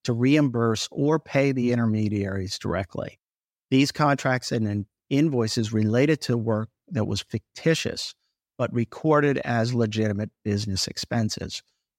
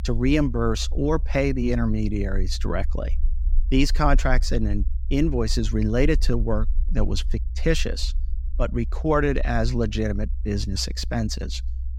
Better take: first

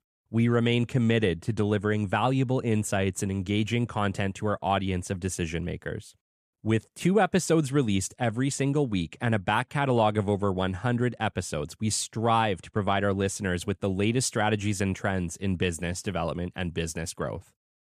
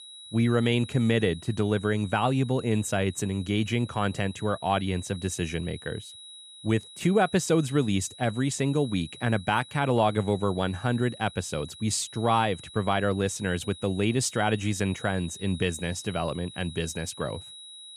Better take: first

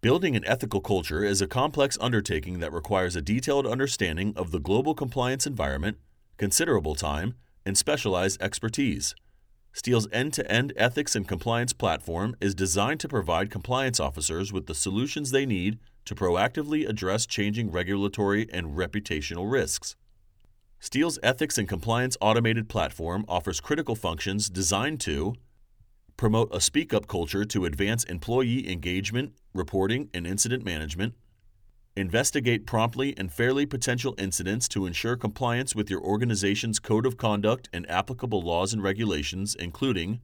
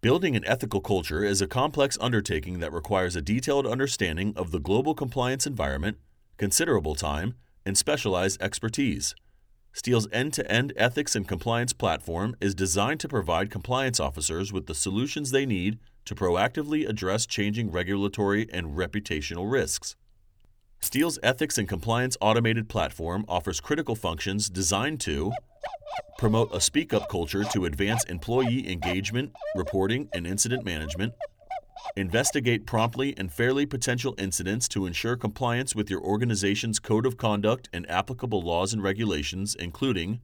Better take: first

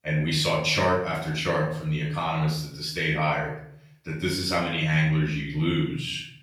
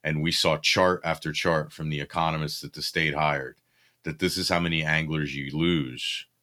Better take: second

